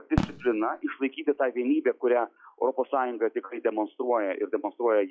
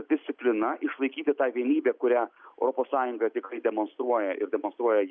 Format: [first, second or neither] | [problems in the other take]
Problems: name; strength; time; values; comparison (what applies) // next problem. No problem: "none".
second | noise reduction (classical method log-MMSE)